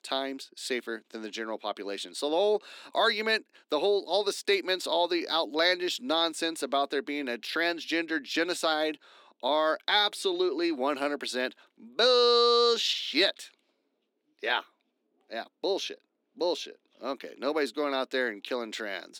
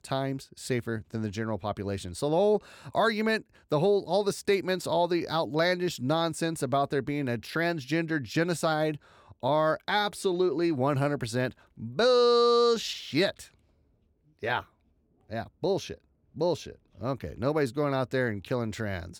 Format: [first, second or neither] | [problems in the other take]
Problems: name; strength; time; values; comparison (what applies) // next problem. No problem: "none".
second | thin; somewhat; fading below 250 Hz